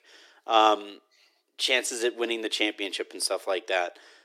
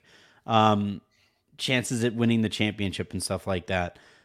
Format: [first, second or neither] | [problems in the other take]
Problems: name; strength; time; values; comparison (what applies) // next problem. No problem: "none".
second | thin; very; fading below 300 Hz